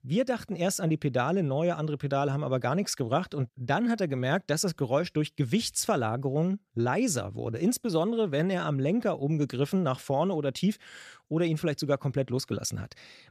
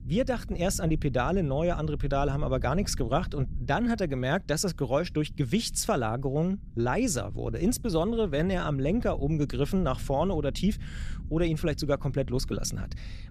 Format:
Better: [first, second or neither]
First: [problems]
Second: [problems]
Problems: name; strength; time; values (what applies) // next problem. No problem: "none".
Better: first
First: none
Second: low rumble; faint; throughout; 25 dB below the speech